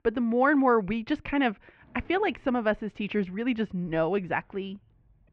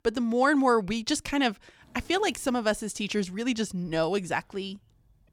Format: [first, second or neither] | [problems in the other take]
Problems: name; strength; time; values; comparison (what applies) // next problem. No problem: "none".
second | muffled; very; fading above 2.5 kHz